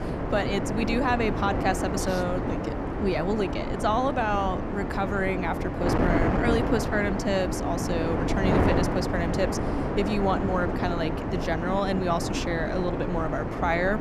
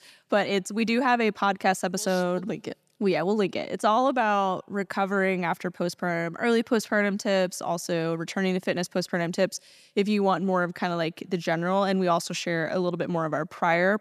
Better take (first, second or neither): second